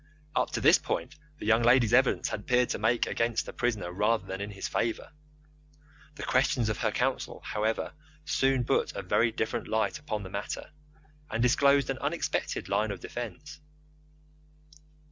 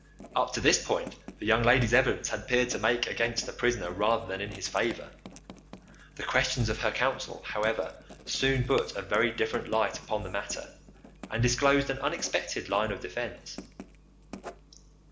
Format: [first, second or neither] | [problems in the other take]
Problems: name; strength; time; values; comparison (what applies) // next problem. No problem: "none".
first | background sound (Writing); 19 dB below the speech // room echo; dies away in 0.6 s